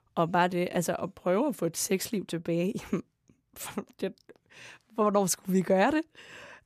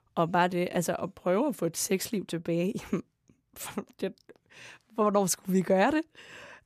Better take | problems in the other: neither | none

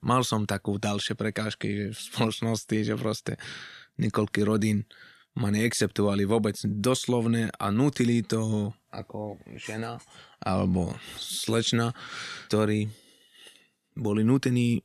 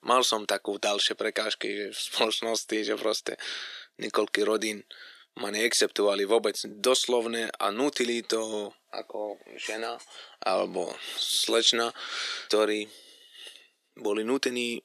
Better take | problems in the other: first | thin; very; fading below 350 Hz

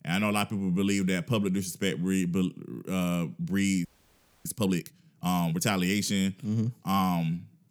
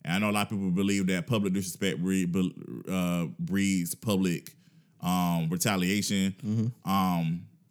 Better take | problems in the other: second | audio freezing; at 4 s for 0.5 s

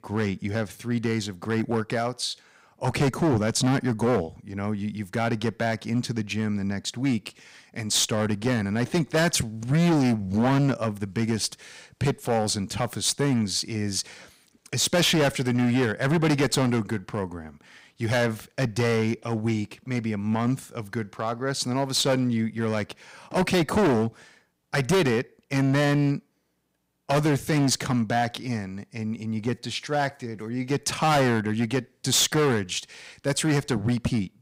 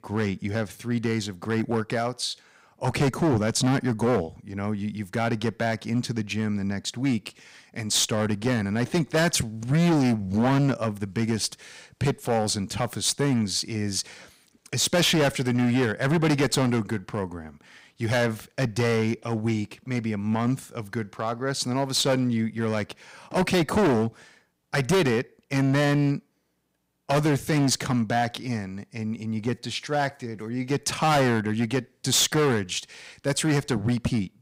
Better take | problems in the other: neither | distortion; heavy; 9% of the sound clipped; the same in both

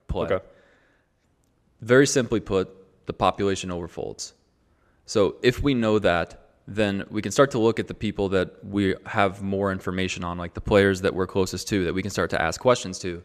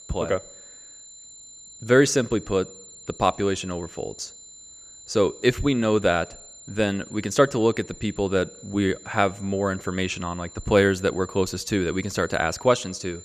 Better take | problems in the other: first | high-pitched whine; noticeable; throughout; 7 kHz, 20 dB below the speech

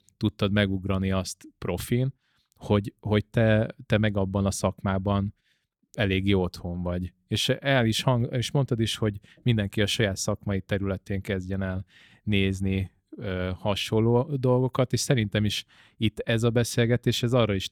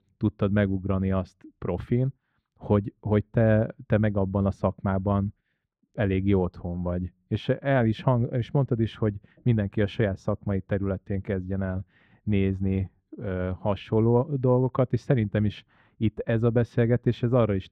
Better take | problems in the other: first | muffled; very; fading above 4 kHz

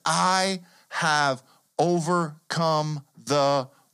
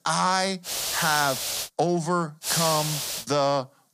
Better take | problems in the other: first | hiss; loud; at 0.5 s and at 2.5 s; 2 dB below the speech

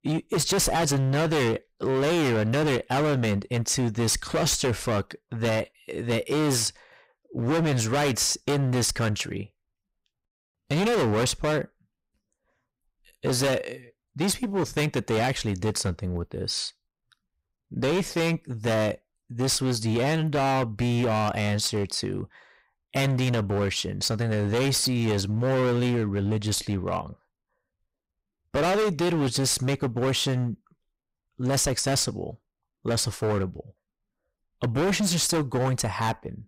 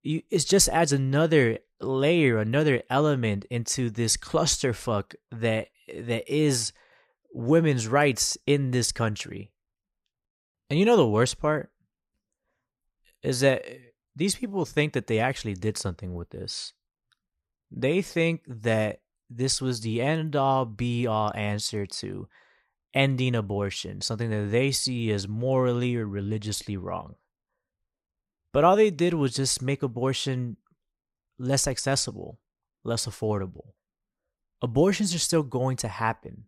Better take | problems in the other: second | distortion; heavy; 20% of the sound clipped

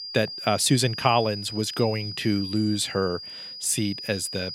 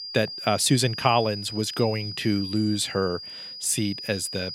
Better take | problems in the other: neither | high-pitched whine; loud; throughout; 5 kHz, 9 dB below the speech; the same in both

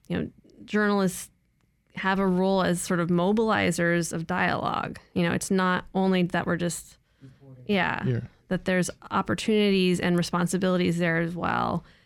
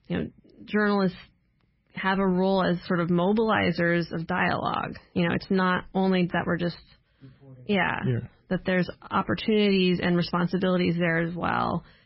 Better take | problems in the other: first | garbled, watery; badly; nothing above 5.5 kHz

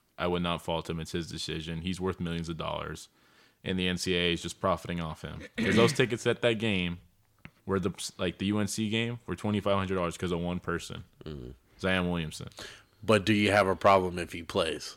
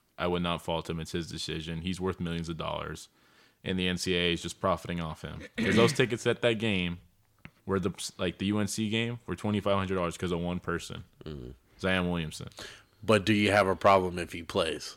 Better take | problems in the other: neither | none

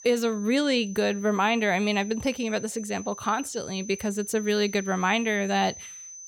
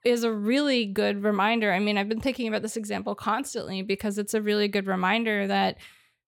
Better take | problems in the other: second | high-pitched whine; noticeable; throughout; 6 kHz, 15 dB below the speech

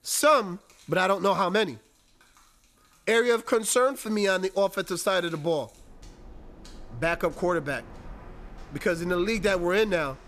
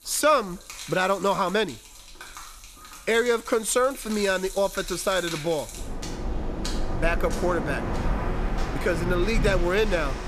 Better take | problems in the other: first | rain or running water; loud; throughout; 8 dB below the speech; faint in the first

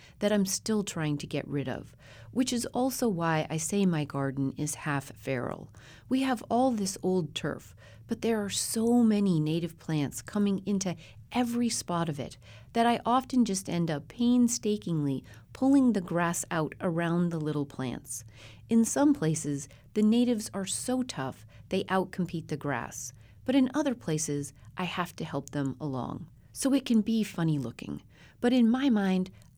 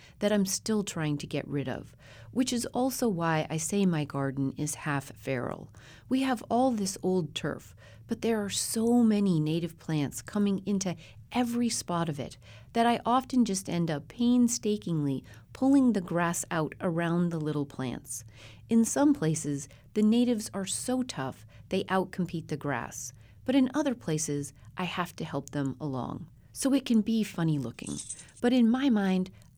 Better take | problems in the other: first | jangling keys; noticeable; at 28 s; peak 10 dB below the speech

